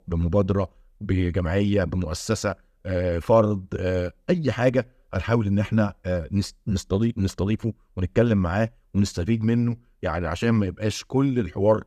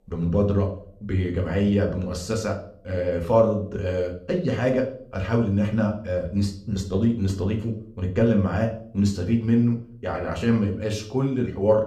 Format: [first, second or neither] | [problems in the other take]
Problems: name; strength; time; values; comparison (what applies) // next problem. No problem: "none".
first | room echo; slight; dies away in 0.4 s // off-mic speech; somewhat distant